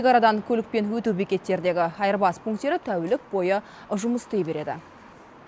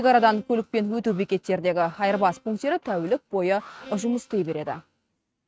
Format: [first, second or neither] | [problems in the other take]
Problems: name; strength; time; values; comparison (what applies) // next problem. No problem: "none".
first | noise reduction (neural mask model RNNoise)